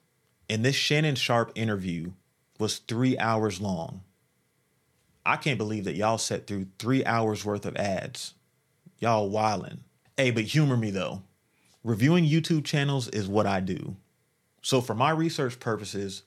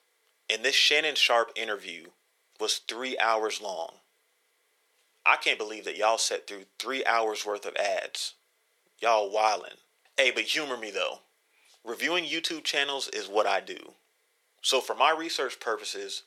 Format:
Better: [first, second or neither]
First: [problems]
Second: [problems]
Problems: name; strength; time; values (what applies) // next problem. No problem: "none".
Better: first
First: none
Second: thin; very; fading below 450 Hz